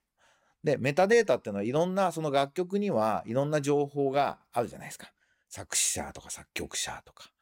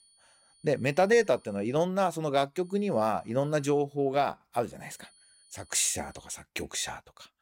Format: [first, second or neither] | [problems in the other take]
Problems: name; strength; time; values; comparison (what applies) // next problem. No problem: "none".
first | high-pitched whine; faint; until 2 s, from 2.5 to 4 s and from 5 to 6.5 s; 9.5 kHz, 30 dB below the speech